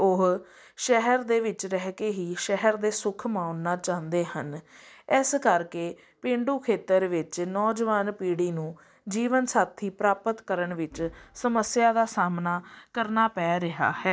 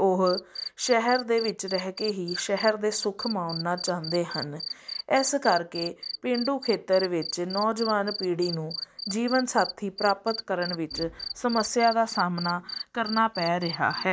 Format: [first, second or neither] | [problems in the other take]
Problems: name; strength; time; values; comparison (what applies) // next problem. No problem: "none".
first | background sound (Cricket); 11 dB below the speech